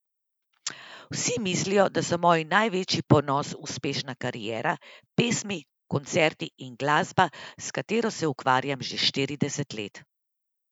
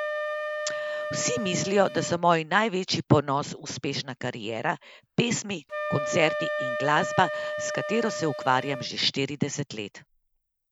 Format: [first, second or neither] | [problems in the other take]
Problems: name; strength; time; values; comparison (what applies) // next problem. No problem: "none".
first | background sound (Wind instrument, woodwind instrument); 7 dB below the speech